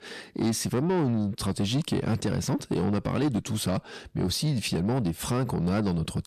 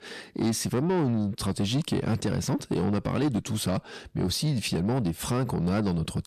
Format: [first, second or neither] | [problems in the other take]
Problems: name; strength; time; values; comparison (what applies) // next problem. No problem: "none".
neither | distortion; slight; 10 dB below the speech; the same in both